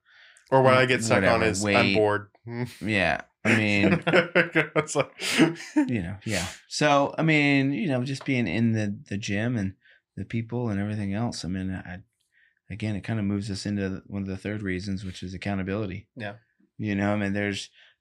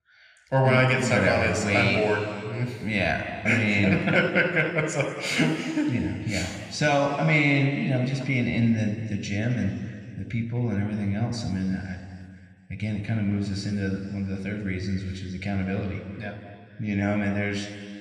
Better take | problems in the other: first | room echo; noticeable; dies away in 2.2 s

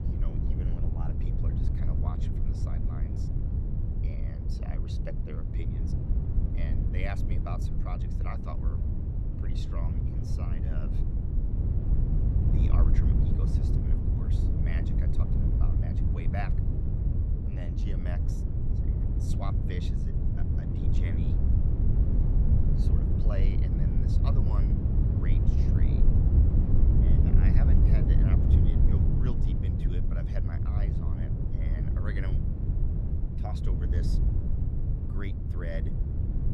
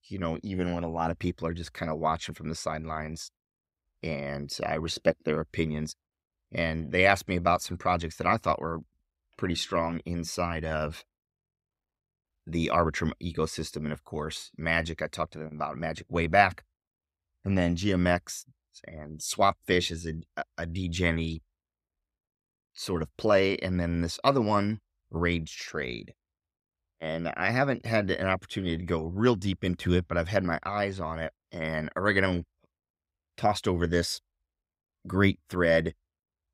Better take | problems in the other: second | wind noise on the microphone; heavy; 4 dB above the speech

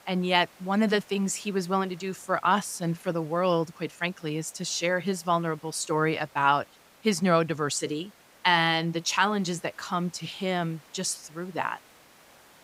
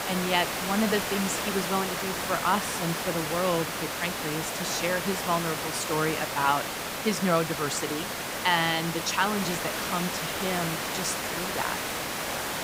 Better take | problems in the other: first | hiss; loud; throughout; 1 dB below the speech; faint in the first

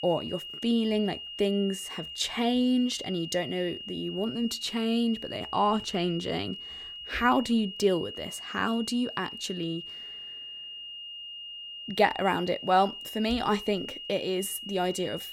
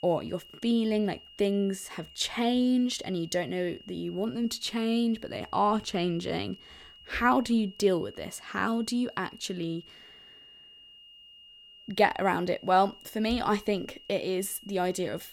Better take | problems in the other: second | high-pitched whine; loud; throughout; 3 kHz, 9 dB below the speech; faint in the second

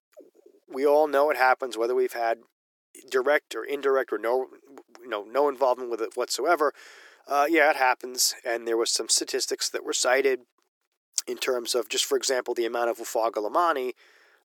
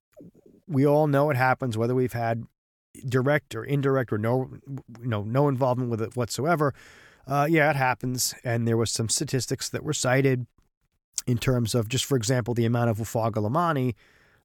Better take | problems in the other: second | thin; very; fading below 350 Hz

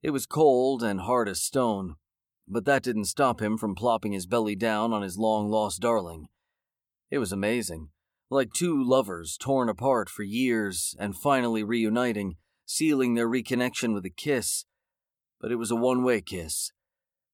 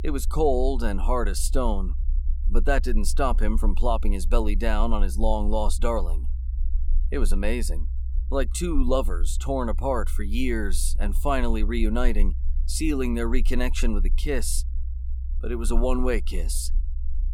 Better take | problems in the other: first | low rumble; faint; throughout; 25 dB below the speech

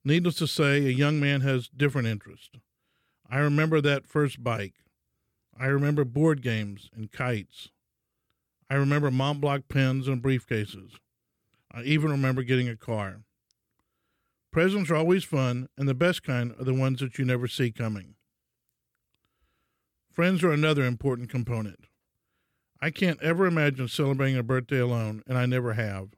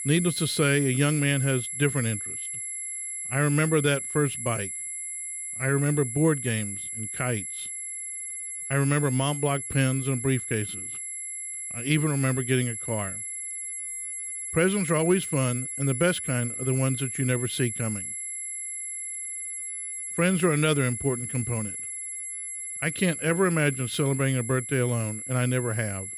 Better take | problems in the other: first | high-pitched whine; loud; throughout; 11 kHz, 5 dB below the speech

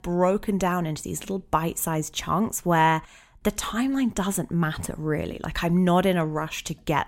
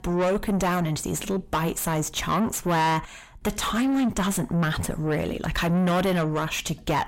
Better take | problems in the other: first | distortion; heavy; 6 dB below the speech

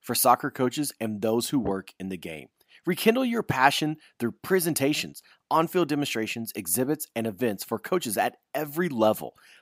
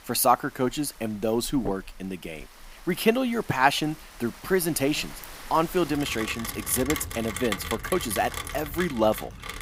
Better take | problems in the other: first | rain or running water; loud; throughout; 9 dB below the speech

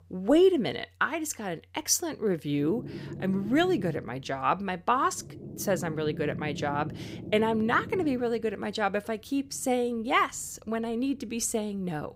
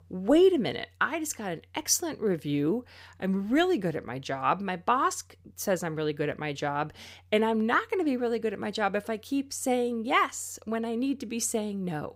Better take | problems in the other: second | low rumble; noticeable; from 2.5 s on; 15 dB below the speech

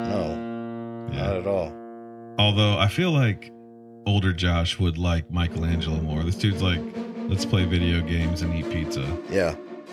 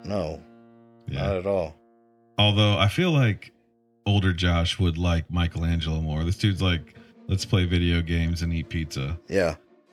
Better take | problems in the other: second | background music; loud; throughout; 10 dB below the speech; faint in the second

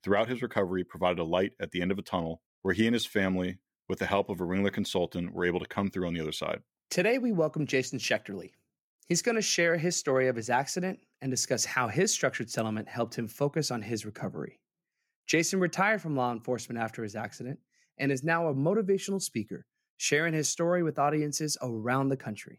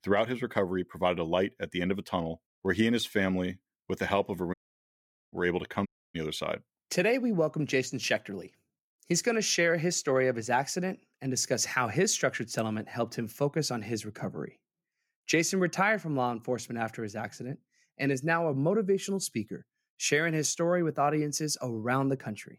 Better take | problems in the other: first | audio cutting out; at 4.5 s for 1 s and at 6 s

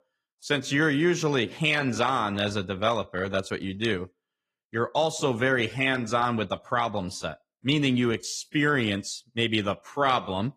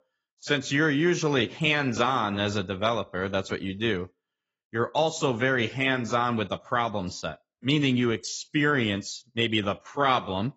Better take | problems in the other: first | garbled, watery; badly; nothing above 7.5 kHz; slightly in the first

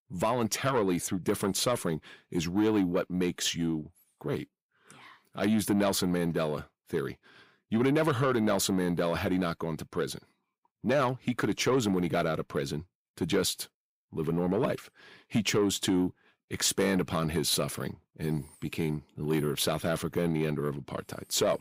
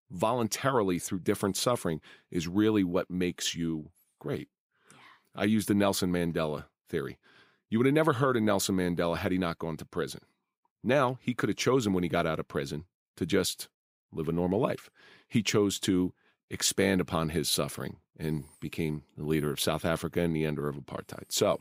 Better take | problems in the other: second | distortion; slight; 10 dB below the speech

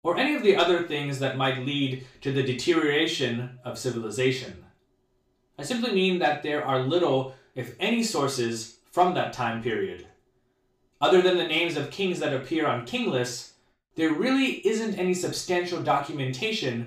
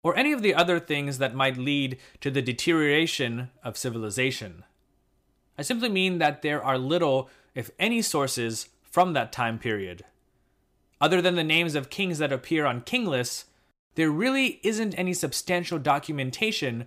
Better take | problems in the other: second | room echo; noticeable; dies away in 0.3 s // off-mic speech; far

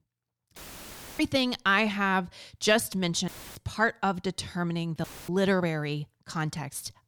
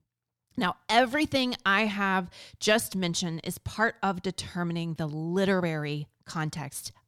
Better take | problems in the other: second | audio cutting out; filled with static; at 0.5 s for 0.5 s, at 3.5 s and at 5 s

